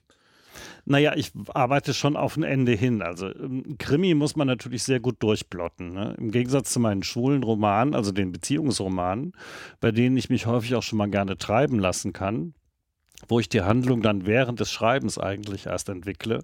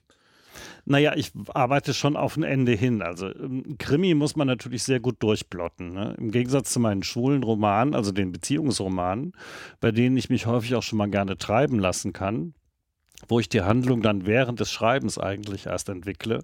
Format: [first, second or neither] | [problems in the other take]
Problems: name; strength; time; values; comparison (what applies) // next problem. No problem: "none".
neither | none